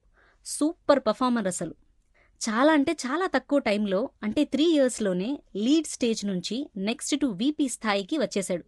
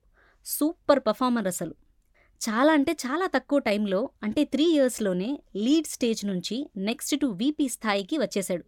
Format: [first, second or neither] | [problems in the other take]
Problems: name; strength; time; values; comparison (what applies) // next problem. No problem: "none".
second | garbled, watery; slightly; nothing above 11 kHz